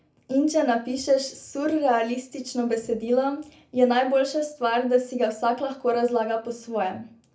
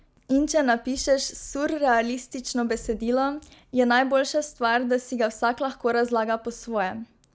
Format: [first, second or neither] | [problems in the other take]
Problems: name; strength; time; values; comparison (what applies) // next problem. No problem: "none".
second | room echo; dies away in 0.3 s